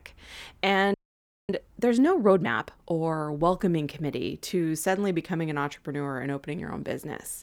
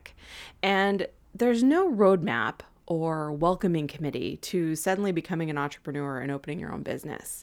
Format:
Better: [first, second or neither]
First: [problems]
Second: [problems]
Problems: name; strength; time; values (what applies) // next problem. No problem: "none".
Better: second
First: audio freezing; at 1 s for 0.5 s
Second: none